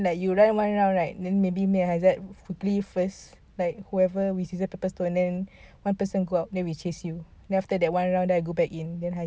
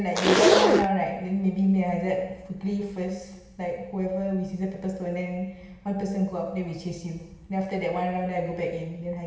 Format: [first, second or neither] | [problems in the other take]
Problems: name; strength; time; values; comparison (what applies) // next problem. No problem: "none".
first | background sound (Zipper (clothing)); 3 dB above the speech // room echo; dies away in 1 s